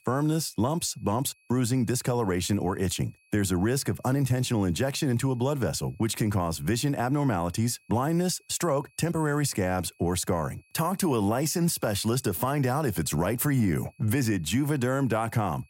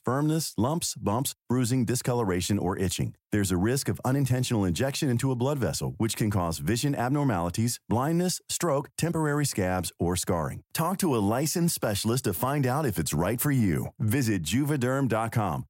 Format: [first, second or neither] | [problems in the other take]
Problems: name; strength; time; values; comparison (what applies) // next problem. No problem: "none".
second | high-pitched whine; faint; throughout; 2.5 kHz, 35 dB below the speech